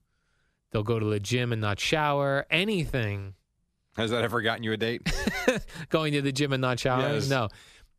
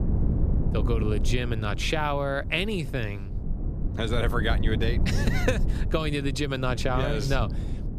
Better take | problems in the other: first | low rumble; noticeable; throughout; 10 dB below the speech

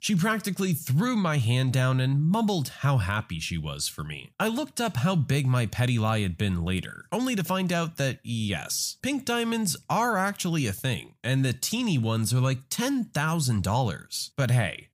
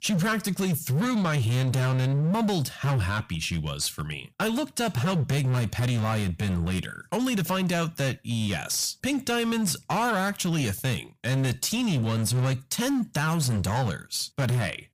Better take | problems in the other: first | distortion; slight; 21% of the sound clipped

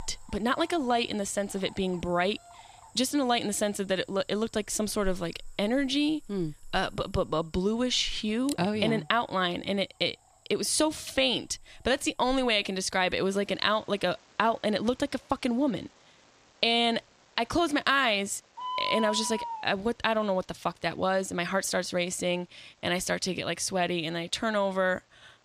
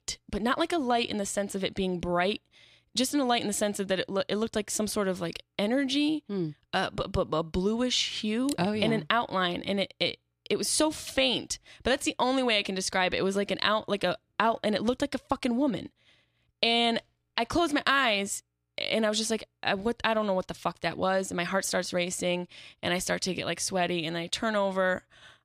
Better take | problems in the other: second | animal sounds; noticeable; throughout; 15 dB below the speech

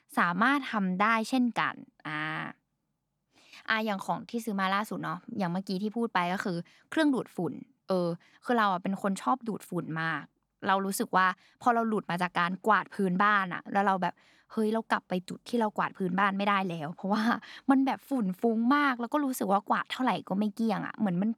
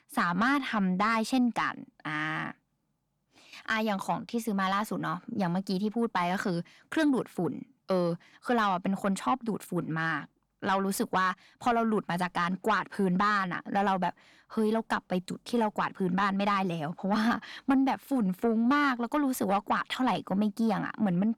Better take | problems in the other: first | distortion; slight; 10 dB below the speech

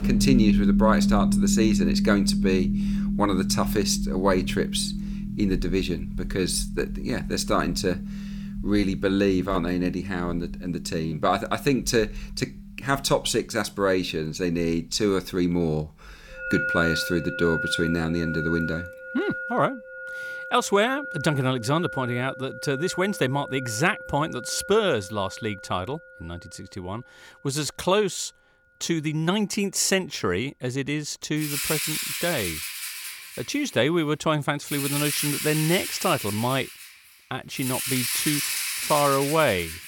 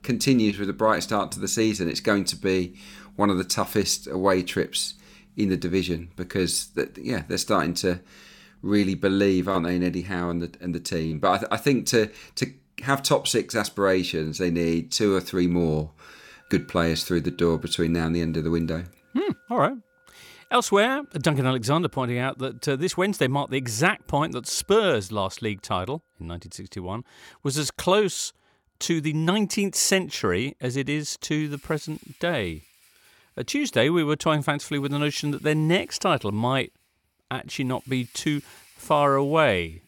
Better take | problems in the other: second | background music; loud; throughout; 3 dB below the speech; faint in the second

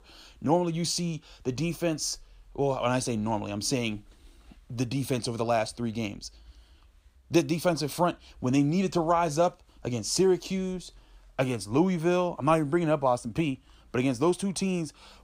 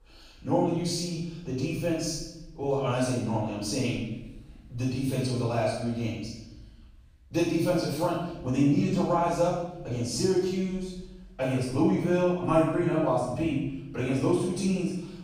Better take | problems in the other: first | off-mic speech; far // room echo; strong; dies away in 0.9 s

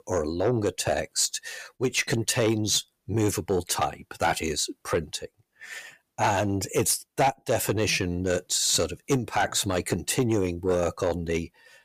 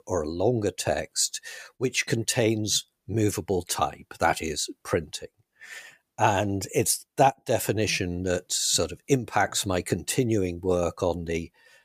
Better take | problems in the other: second | distortion; slight; 10 dB below the speech

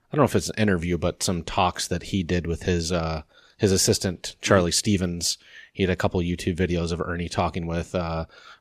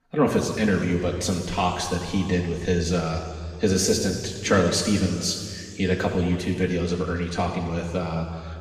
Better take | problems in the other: first | room echo; noticeable; dies away in 2.1 s // off-mic speech; far

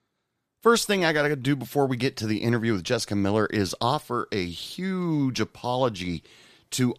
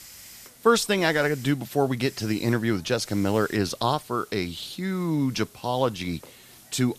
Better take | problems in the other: first | hiss; faint; throughout; 20 dB below the speech

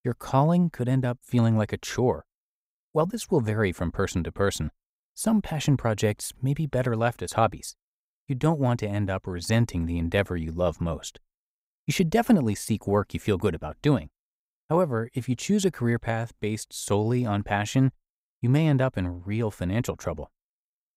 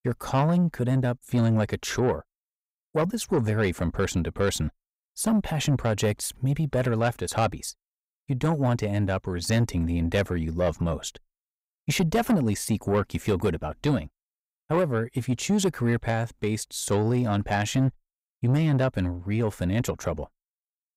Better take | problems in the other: first | distortion; slight; 10 dB below the speech

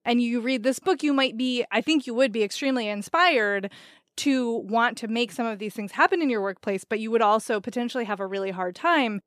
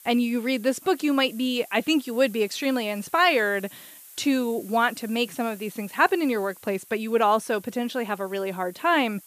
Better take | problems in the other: first | hiss; faint; throughout; 20 dB below the speech

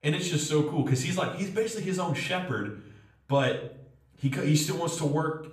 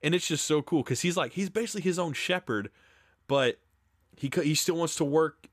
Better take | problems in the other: second | off-mic speech; far // room echo; slight; dies away in 0.5 s

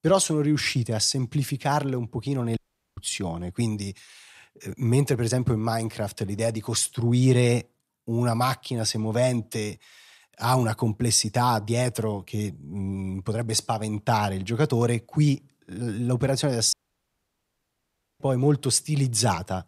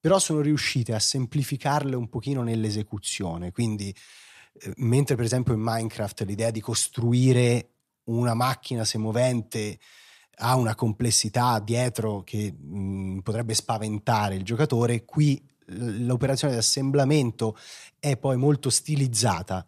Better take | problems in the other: second | audio cutting out; at 2.5 s and at 17 s for 1.5 s

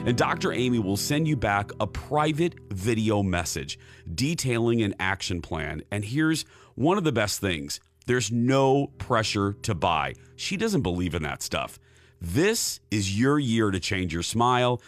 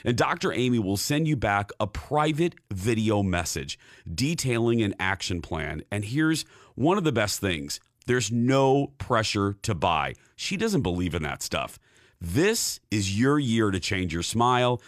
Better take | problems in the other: second | background music; noticeable; throughout; 20 dB below the speech

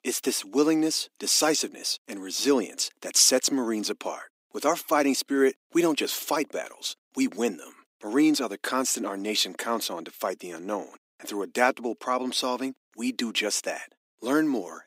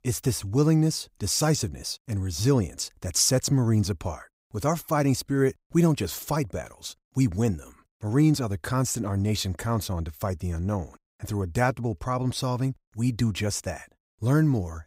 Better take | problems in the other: second | thin; somewhat; fading below 250 Hz

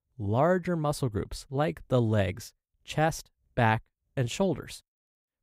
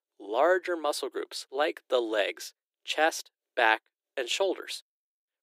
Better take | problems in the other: first | thin; very; fading below 350 Hz

